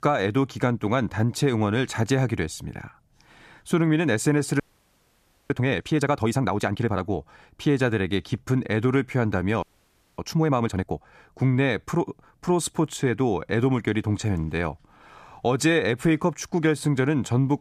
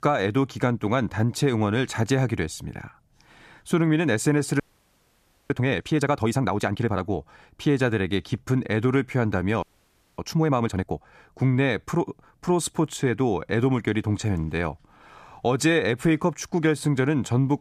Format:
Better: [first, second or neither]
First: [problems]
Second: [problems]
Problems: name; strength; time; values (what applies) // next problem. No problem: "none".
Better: neither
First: audio freezing; at 4.5 s for 1 s and at 9.5 s for 0.5 s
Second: audio freezing; at 4.5 s for 1 s and at 9.5 s for 0.5 s